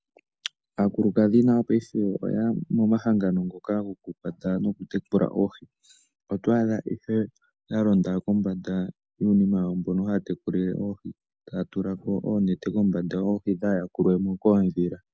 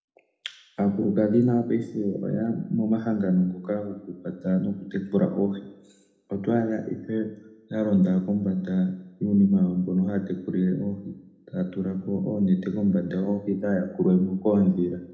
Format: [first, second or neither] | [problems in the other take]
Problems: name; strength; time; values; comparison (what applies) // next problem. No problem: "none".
first | room echo; dies away in 0.9 s